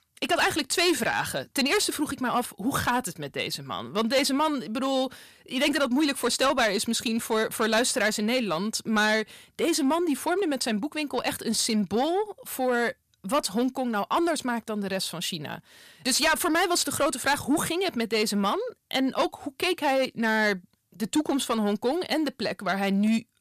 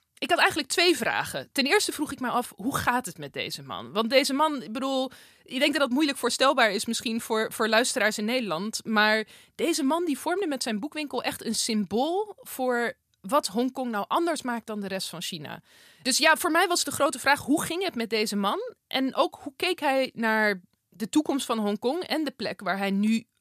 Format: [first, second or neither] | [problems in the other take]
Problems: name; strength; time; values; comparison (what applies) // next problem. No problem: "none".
second | distortion; slight; 10 dB below the speech